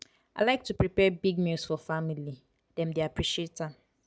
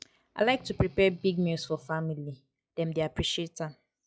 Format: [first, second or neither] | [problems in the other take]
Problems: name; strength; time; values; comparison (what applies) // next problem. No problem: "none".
first | noise reduction (classical method log-MMSE)